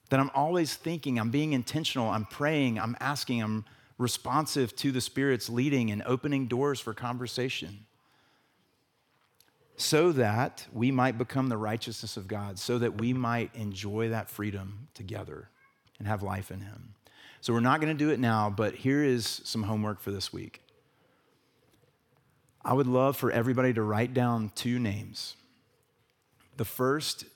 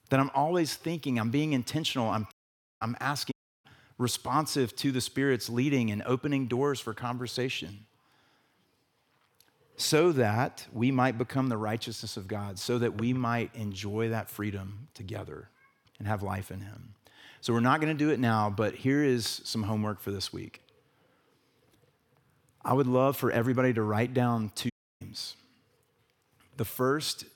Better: first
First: none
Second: audio cutting out; at 2.5 s, at 3.5 s and at 25 s

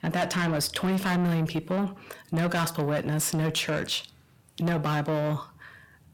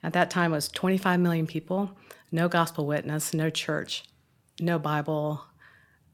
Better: second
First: distortion; heavy; 6 dB below the speech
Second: none

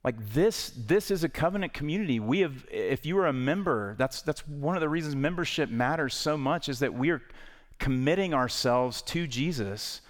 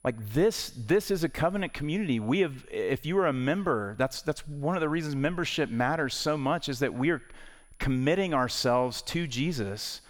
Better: first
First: none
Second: high-pitched whine; faint; throughout; 10 kHz, 35 dB below the speech

